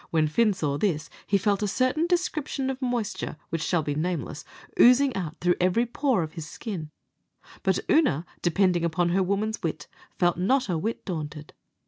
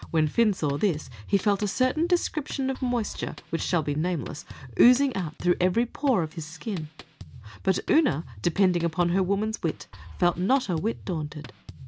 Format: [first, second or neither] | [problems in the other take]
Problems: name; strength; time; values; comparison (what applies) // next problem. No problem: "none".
first | background sound (Drum kit); 17 dB below the speech